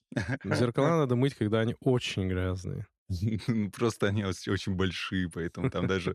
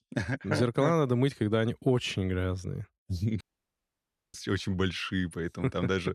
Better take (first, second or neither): first